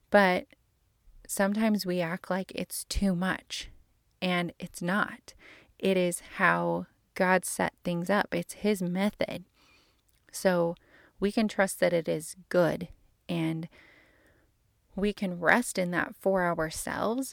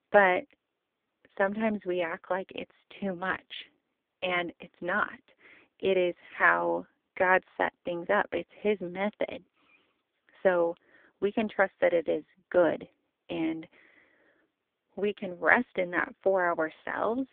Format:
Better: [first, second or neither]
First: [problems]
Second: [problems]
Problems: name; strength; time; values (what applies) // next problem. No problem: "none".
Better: first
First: none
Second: phone-call audio; poor line